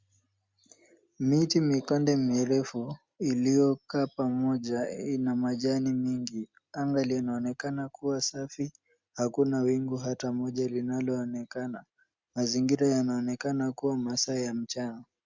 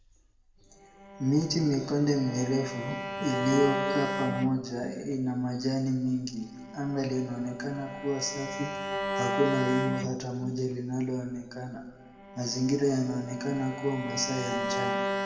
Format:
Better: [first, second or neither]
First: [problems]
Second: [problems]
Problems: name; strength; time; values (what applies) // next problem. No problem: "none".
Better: first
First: none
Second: background sound (Bowed string instrument); 5 dB below the speech // room echo; dies away in 1.2 s